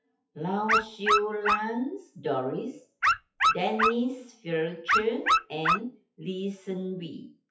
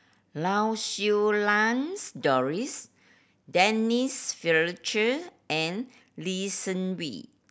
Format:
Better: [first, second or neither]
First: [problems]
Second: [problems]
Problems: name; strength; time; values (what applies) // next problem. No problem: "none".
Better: second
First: noise reduction (classical method WPE with log-MMSE)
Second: none